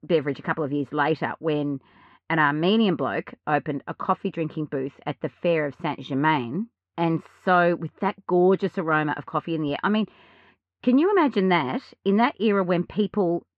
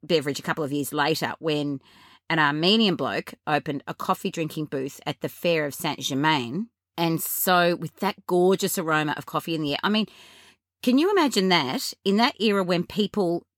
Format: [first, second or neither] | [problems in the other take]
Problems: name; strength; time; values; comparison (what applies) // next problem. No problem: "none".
second | muffled; very; fading above 2 kHz